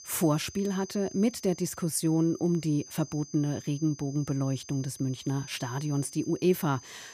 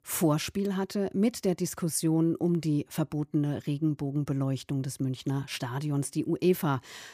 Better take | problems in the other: second | high-pitched whine; noticeable; throughout; 6 kHz, 15 dB below the speech

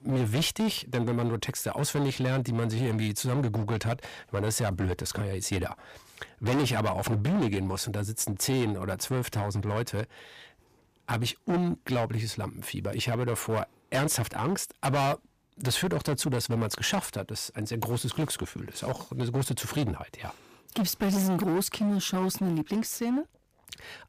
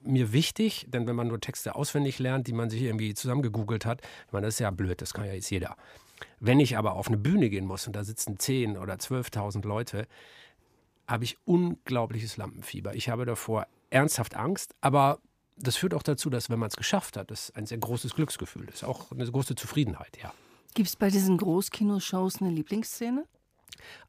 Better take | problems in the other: second | distortion; heavy; 13% of the sound clipped

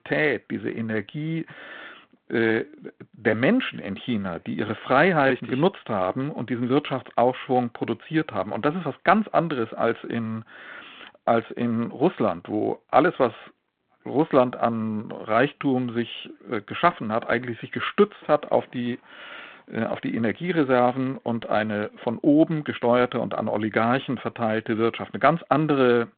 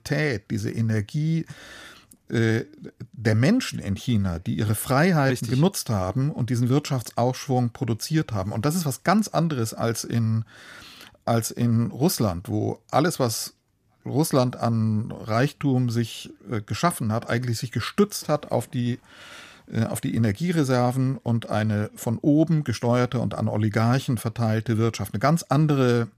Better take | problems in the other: second | phone-call audio; nothing above 3.5 kHz

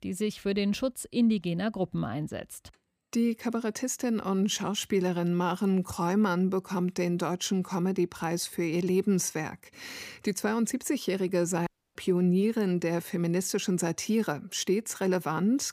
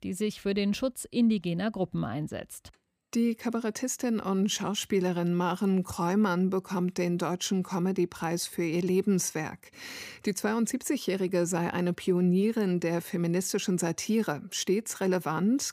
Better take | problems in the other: second | audio cutting out; at 12 s

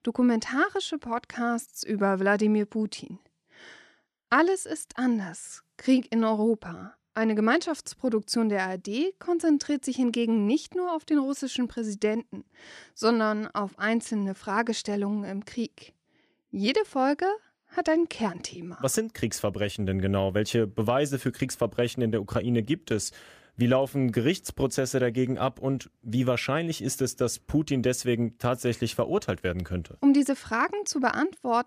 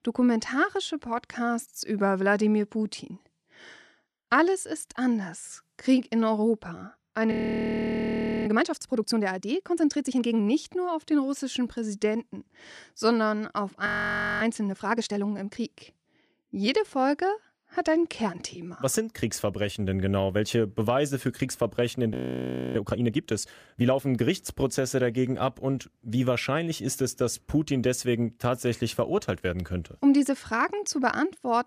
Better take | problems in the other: first | audio freezing; at 7.5 s for 1 s, at 14 s for 0.5 s and at 22 s for 0.5 s

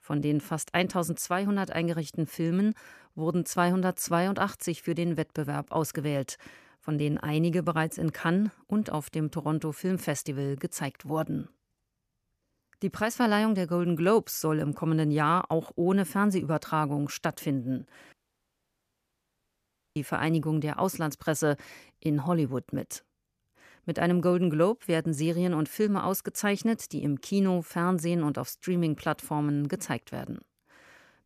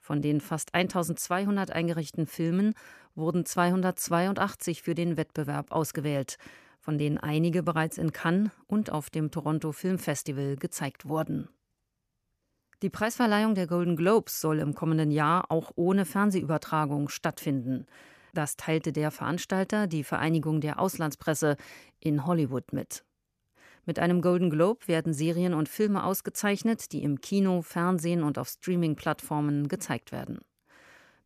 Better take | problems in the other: second | audio cutting out; at 18 s for 2 s

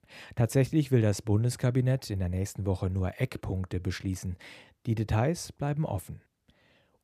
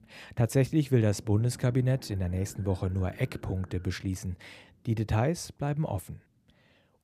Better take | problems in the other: first | low rumble; faint; throughout; 20 dB below the speech

